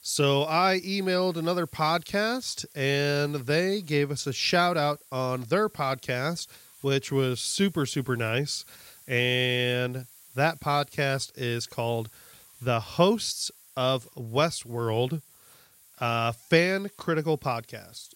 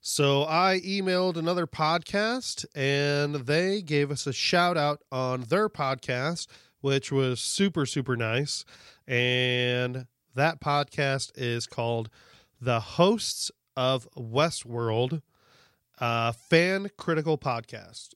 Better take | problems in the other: second | hiss; faint; throughout; 25 dB below the speech

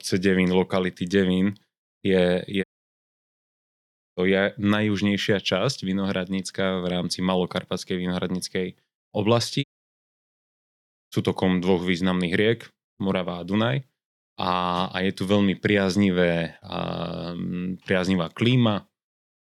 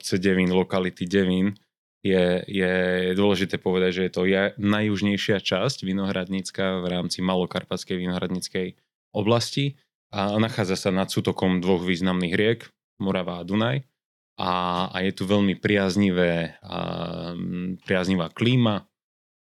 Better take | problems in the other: second | audio cutting out; at 2.5 s for 1.5 s and at 9.5 s for 1.5 s

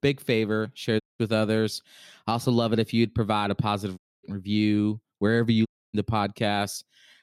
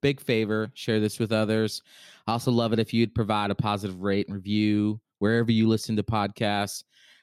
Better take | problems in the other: second | audio cutting out; at 1 s, at 4 s and at 5.5 s

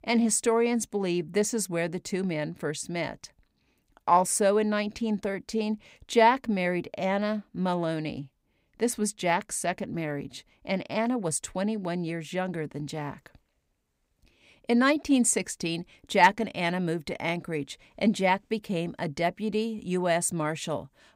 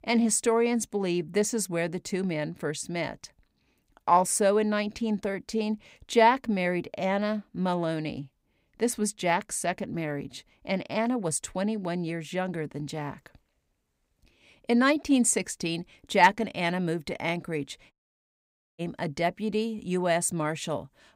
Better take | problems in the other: first | audio cutting out; at 18 s for 1 s

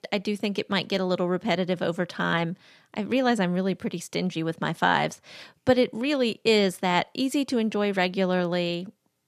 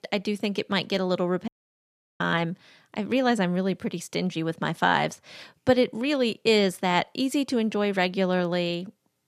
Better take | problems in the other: first | audio cutting out; at 1.5 s for 0.5 s

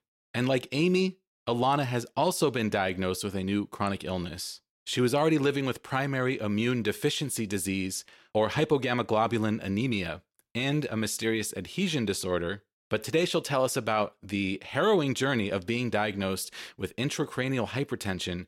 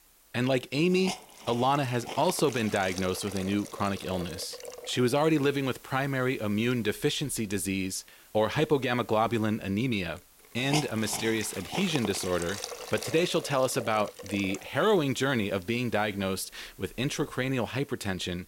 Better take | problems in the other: first | hiss; noticeable; throughout; 10 dB below the speech

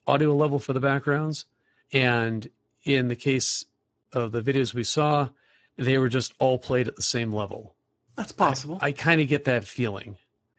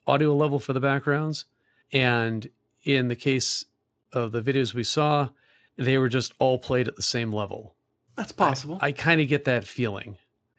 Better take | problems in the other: second | garbled, watery; badly; nothing above 7.5 kHz; slightly in the second

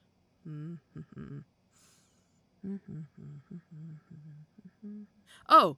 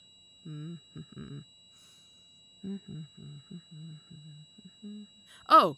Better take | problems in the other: first | high-pitched whine; faint; throughout; 4 kHz, 25 dB below the speech

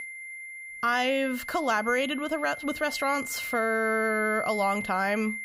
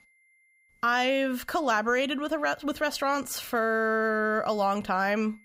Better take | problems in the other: second | high-pitched whine; loud; throughout; 2 kHz, 8 dB below the speech; faint in the second

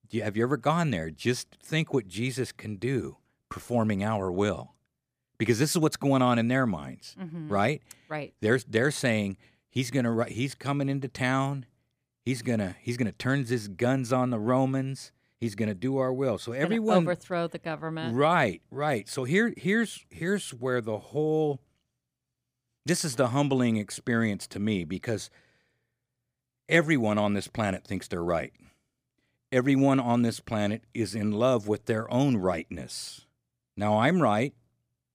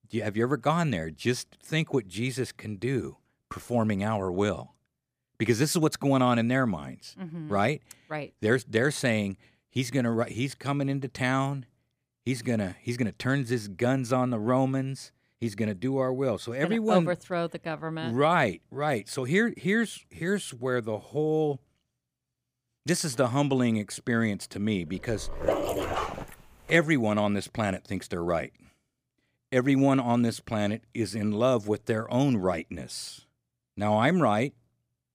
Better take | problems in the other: first | dog barking; noticeable; from 25 to 26 s; peak level with the speech

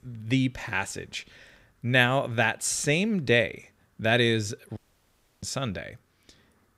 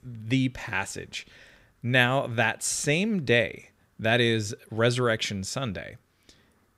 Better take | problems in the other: second | audio cutting out; at 5 s for 0.5 s

